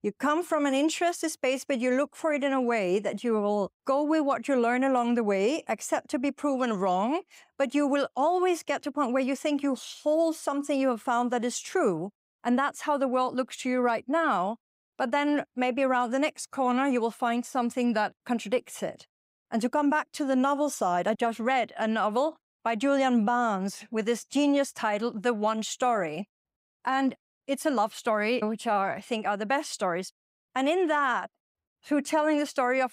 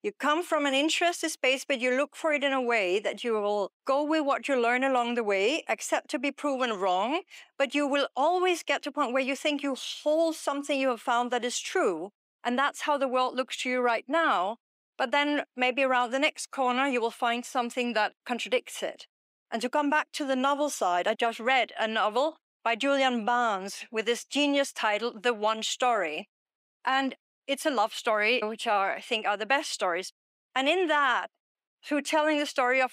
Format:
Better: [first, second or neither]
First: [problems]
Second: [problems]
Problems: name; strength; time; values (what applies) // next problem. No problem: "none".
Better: first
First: none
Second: thin; very slightly; fading below 300 Hz